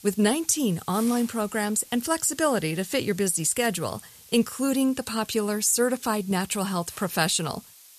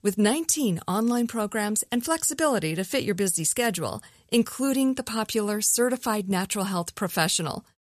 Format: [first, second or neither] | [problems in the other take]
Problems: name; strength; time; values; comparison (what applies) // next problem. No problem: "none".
second | hiss; faint; throughout; 20 dB below the speech